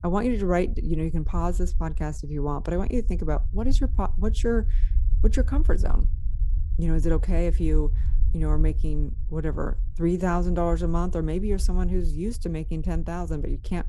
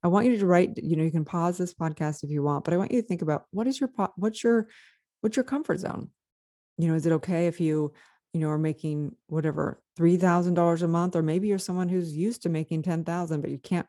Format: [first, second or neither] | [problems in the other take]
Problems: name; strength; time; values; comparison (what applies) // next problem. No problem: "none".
second | low rumble; noticeable; throughout; 20 dB below the speech